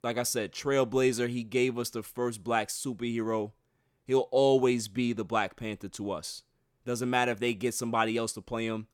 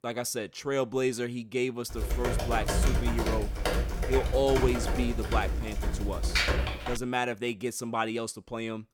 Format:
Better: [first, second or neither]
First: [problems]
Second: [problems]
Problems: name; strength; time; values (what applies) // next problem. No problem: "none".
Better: first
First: none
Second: keyboard typing; loud; from 2 to 7 s; peak 6 dB above the speech